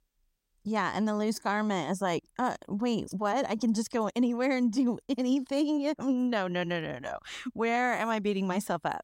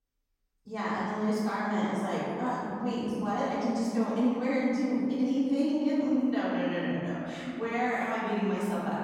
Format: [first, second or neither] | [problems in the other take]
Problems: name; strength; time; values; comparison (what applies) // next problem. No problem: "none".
first | off-mic speech; far // room echo; strong; dies away in 2.3 s